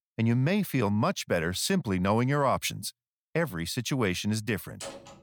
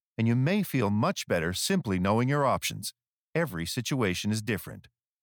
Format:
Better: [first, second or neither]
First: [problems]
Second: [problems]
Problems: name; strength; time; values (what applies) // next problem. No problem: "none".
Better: second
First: door banging; faint; at 5 s; peak 15 dB below the speech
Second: none